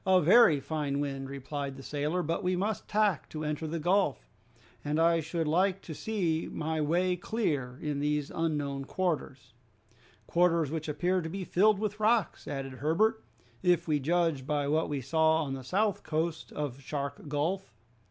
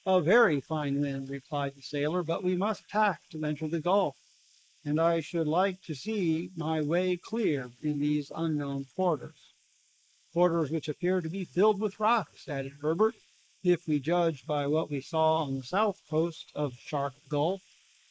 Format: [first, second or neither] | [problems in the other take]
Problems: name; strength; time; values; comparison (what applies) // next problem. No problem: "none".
first | noise reduction (neural mask model Resemble Enhance denoiser)